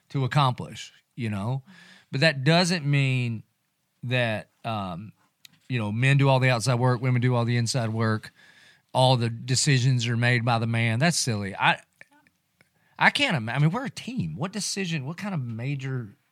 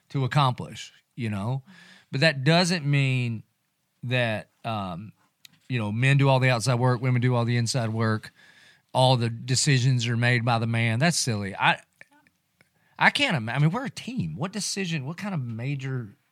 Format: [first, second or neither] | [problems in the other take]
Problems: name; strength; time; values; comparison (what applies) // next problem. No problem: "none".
neither | none